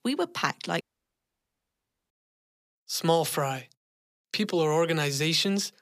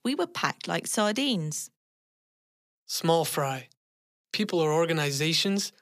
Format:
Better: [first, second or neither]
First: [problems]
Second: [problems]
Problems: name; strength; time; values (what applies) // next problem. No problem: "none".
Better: second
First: audio cutting out; at 1 s for 1.5 s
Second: none